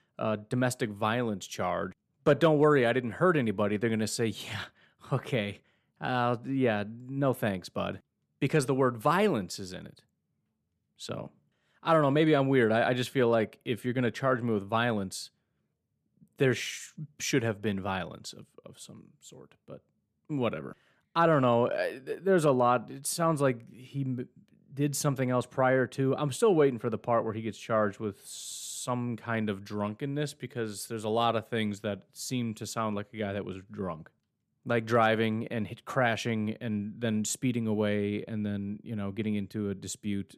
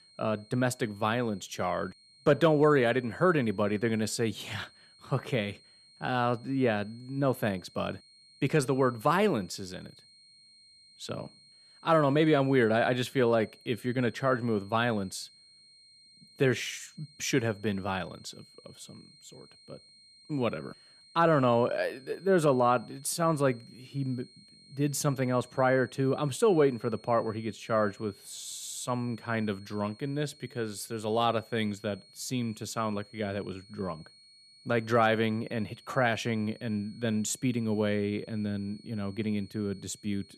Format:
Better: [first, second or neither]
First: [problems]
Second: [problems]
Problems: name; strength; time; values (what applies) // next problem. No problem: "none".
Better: first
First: none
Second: high-pitched whine; faint; throughout; 4 kHz, 25 dB below the speech